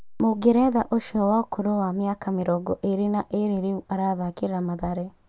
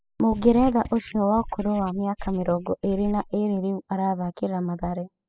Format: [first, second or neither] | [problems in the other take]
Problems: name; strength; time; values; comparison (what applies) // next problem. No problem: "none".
first | noise reduction (classical method spectral subtraction)